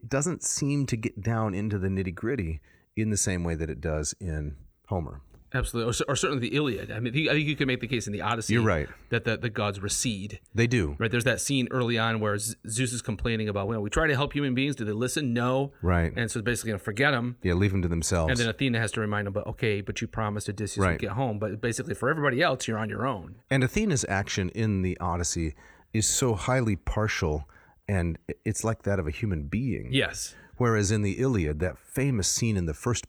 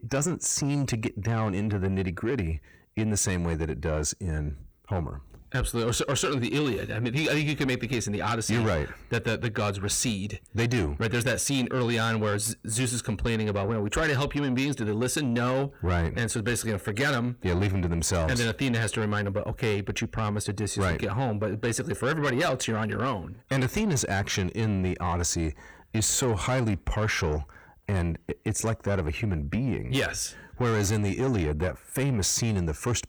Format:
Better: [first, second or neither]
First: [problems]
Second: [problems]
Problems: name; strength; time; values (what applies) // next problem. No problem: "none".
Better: first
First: none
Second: distortion; slight; 10 dB below the speech